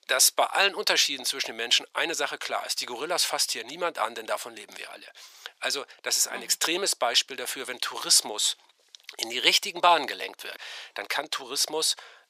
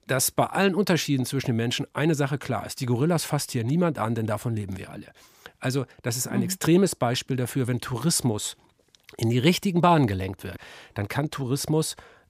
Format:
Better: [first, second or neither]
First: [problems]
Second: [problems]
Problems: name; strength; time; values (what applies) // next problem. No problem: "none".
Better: second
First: thin; very; fading below 550 Hz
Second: none